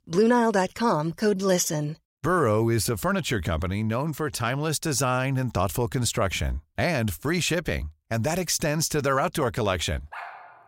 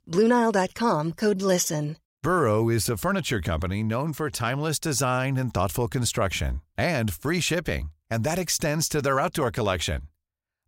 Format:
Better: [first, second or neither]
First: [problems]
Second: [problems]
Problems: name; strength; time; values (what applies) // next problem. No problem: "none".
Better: second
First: dog barking; faint; at 10 s; peak 15 dB below the speech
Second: none